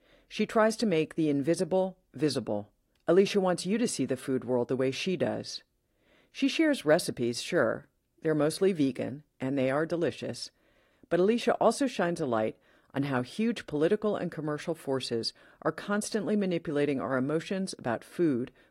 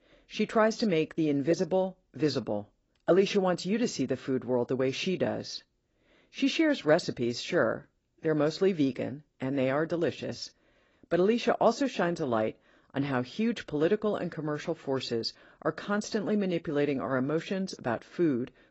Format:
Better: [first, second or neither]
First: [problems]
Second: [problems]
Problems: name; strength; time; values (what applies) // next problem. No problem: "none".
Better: first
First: garbled, watery; slightly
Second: garbled, watery; badly; nothing above 7.5 kHz